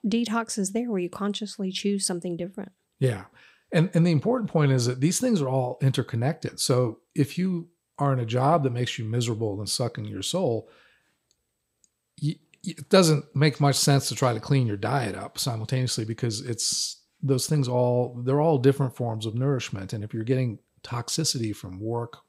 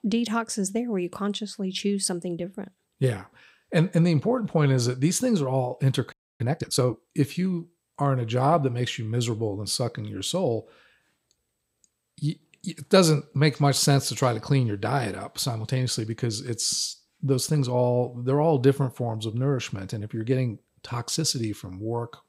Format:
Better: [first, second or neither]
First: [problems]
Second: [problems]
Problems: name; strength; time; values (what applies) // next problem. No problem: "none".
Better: first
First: none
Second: audio freezing; at 6 s